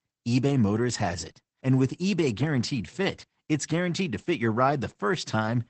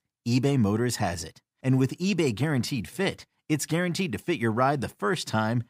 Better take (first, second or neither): second